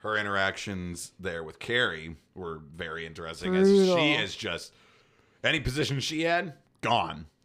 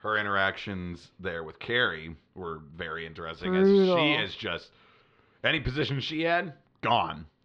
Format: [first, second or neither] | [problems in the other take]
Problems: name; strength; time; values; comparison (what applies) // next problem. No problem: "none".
first | muffled; slightly; fading above 4 kHz